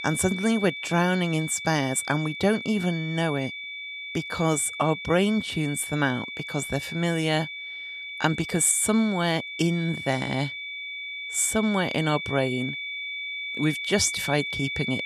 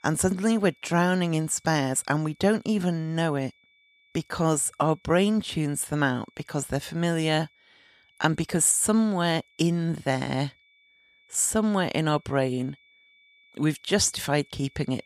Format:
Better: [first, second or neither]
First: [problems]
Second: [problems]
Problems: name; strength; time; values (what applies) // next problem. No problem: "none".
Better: second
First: high-pitched whine; loud; throughout; 2.5 kHz, 7 dB below the speech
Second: high-pitched whine; faint; throughout; 2.5 kHz, 35 dB below the speech